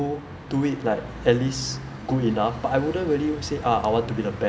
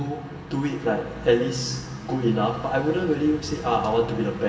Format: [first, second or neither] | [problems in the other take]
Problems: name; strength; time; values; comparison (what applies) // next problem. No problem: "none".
first | room echo; dies away in 1.1 s